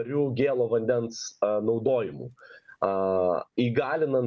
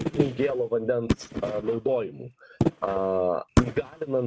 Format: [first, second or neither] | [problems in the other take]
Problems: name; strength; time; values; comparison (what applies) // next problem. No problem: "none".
first | noise reduction (neural mask model RNNoise)